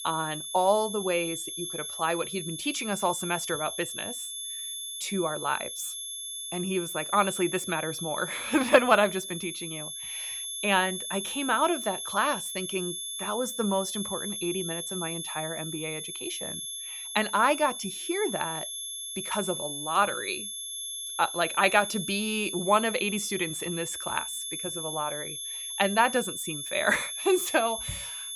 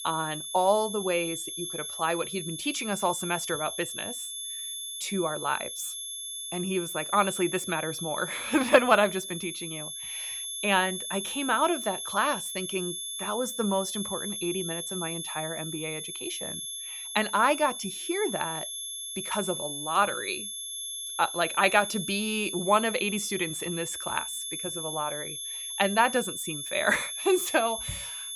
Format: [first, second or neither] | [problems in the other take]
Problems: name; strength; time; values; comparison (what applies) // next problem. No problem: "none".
neither | high-pitched whine; loud; throughout; 3.5 kHz, 5 dB below the speech; the same in both